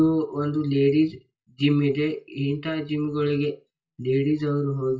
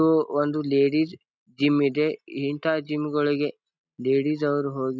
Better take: second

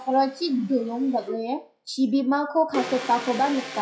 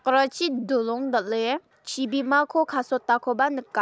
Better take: second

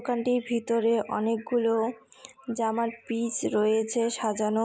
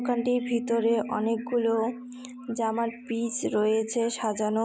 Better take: first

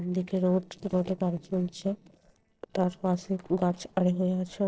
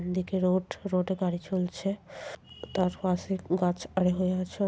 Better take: second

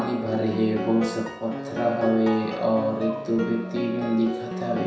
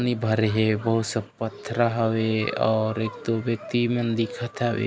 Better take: second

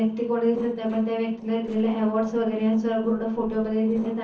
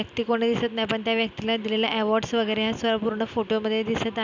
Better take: second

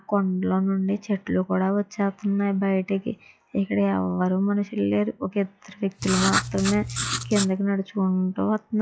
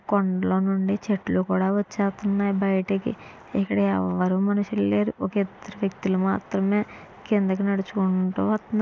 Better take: second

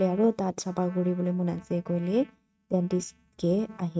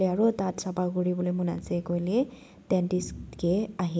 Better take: second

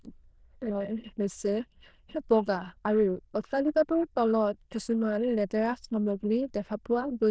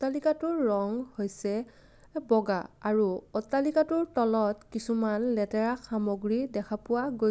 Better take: second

